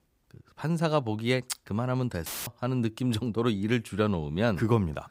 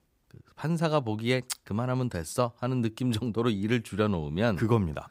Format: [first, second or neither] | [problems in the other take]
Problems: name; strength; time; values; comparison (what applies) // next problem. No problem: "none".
second | audio cutting out; filled with static; at 2.5 s